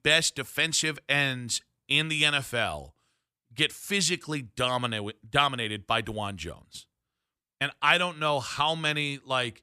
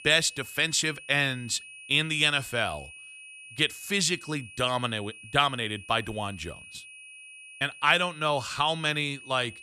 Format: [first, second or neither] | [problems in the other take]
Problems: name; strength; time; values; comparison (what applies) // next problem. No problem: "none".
first | high-pitched whine; noticeable; throughout; 2.5 kHz, 15 dB below the speech